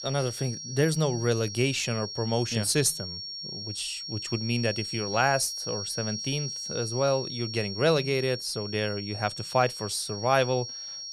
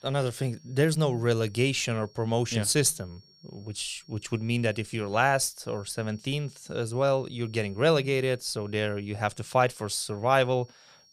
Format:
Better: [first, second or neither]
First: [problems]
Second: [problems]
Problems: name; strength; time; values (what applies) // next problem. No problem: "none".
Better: second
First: high-pitched whine; loud; throughout; 5.5 kHz, 7 dB below the speech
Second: high-pitched whine; faint; throughout; 5.5 kHz, 30 dB below the speech